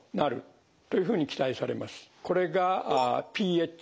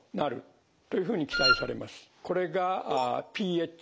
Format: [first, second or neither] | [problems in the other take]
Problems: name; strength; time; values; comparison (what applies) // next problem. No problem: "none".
first | background sound (Wind instrument, woodwind instrument); 4 dB above the speech